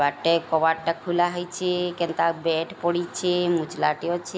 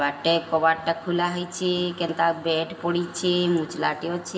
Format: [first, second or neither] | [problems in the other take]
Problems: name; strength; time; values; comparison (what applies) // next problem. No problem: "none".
first | room echo; dies away in 1.6 s